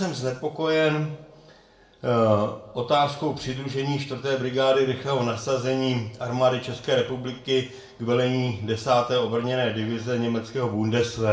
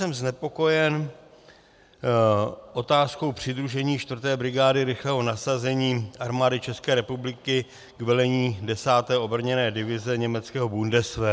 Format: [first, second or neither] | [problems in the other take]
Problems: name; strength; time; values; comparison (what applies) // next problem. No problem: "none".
second | room echo; dies away in 0.4 s